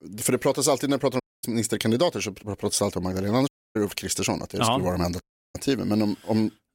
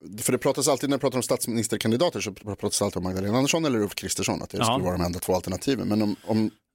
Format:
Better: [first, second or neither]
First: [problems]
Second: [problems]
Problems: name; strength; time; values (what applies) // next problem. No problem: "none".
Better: second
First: audio cutting out; at 1 s, at 3.5 s and at 5 s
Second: none